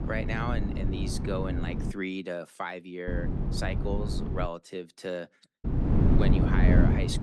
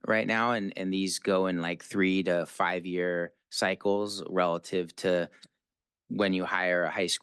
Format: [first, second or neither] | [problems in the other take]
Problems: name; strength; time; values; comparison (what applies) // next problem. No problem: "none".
second | wind noise on the microphone; heavy; until 2 s, from 3 to 4.5 s and from 5.5 s on; 1 dB below the speech